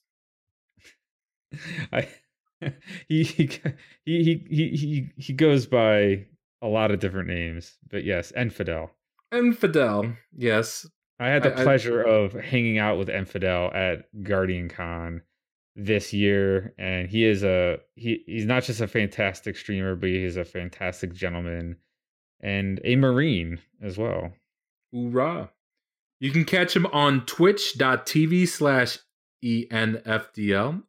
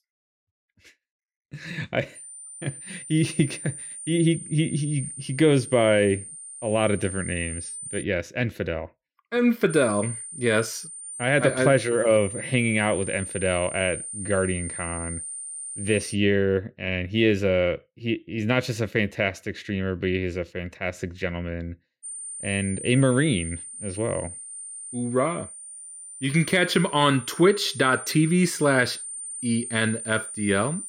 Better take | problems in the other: first | high-pitched whine; loud; from 2 to 8 s, from 9.5 to 16 s and from 22 s on; 9 kHz, 10 dB below the speech

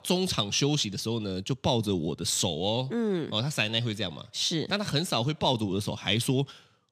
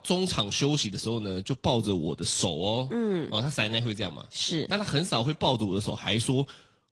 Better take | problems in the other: first | garbled, watery; slightly

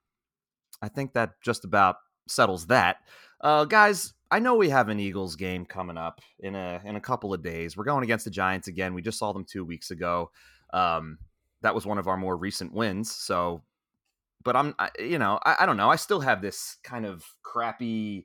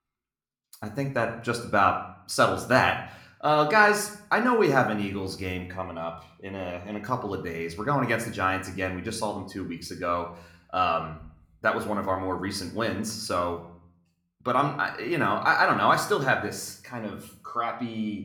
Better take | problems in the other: first | room echo; slight; dies away in 0.5 s

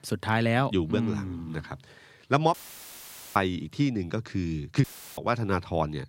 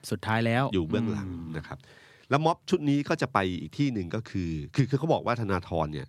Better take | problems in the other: second | audio cutting out; filled with static; at 2.5 s for 1 s and at 5 s

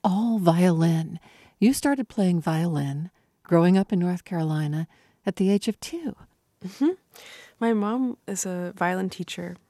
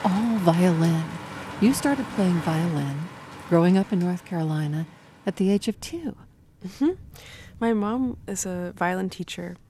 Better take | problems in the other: first | rain or running water; noticeable; throughout; 15 dB below the speech

